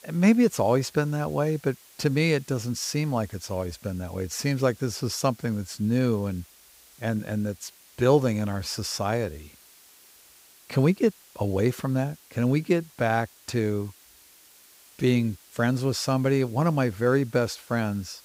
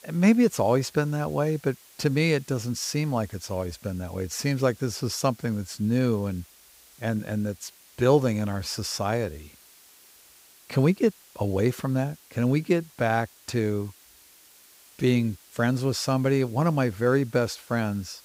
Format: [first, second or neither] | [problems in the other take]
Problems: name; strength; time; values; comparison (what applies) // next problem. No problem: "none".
neither | hiss; faint; throughout; 25 dB below the speech; the same in both